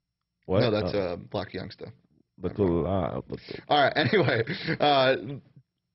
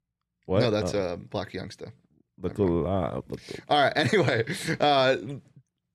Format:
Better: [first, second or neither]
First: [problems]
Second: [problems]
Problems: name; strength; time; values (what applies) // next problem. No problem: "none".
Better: second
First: garbled, watery; badly; nothing above 5.5 kHz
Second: none